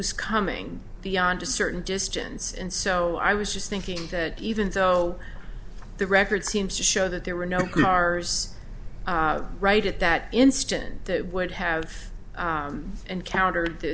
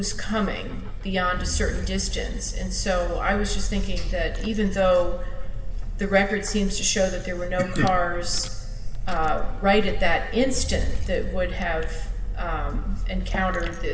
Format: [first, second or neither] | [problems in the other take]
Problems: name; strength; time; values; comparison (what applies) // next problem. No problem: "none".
first | background sound (Rattle / Engine starting / Car); 8 dB below the speech // room echo; dies away in 1.4 s